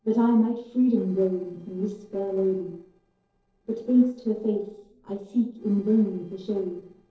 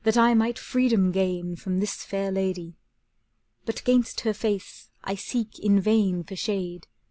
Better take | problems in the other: second | noise reduction (neural separator model SepFormer DNS4)

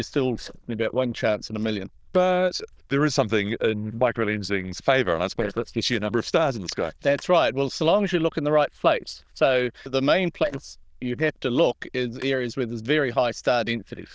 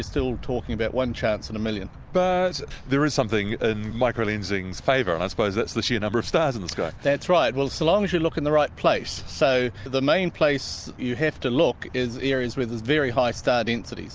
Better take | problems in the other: second | noise reduction (neural diffusion model UNIVERSE++)

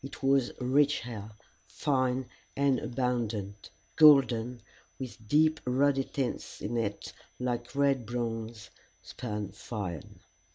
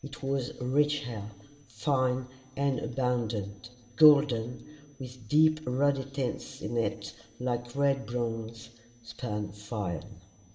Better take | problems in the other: first | room echo; dies away in 2.7 s

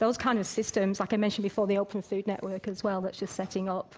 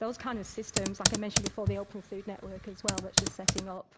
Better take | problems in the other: first | background sound (Computer keyboard); 5 dB above the speech

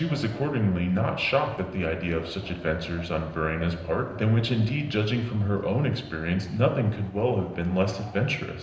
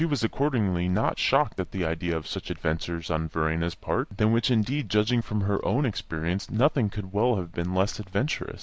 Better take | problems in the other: second | background sound (Wind); 19 dB below the speech // room echo; dies away in 0.9 s

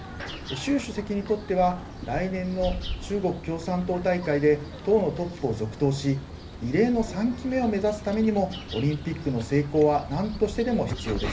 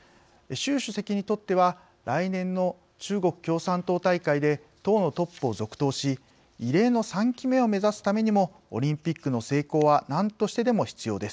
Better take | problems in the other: second | background sound (Bird vocalization, bird call, bird song); 11 dB below the speech // room echo; dies away in 0.3 s

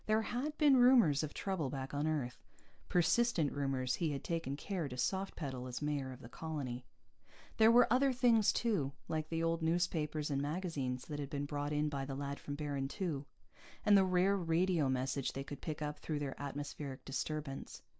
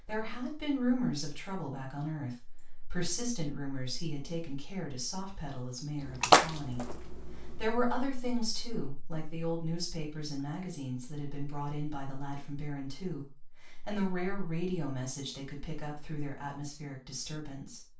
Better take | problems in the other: first | background sound (Splash, splatter); 3 dB above the speech // room echo; dies away in 0.3 s

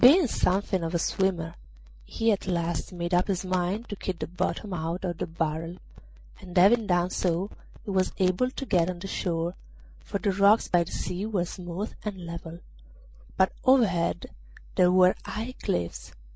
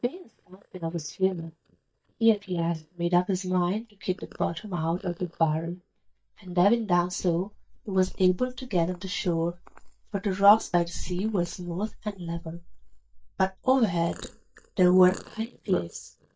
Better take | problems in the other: first | noise reduction (neural mask model DeepFilterNet 3)

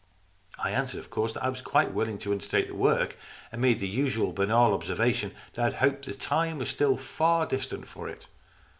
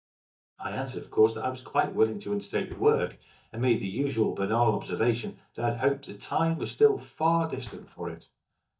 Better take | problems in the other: first | noise reduction (neural mask model DeepFilterNet 3)

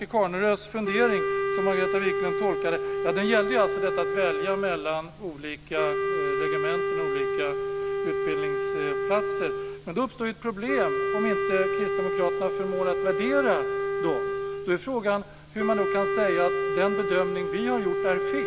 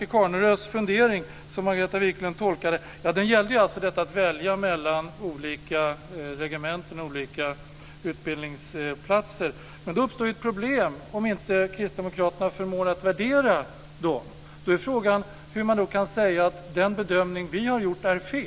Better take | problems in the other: second | background sound (Wind instrument, woodwind instrument); as loud as the speech

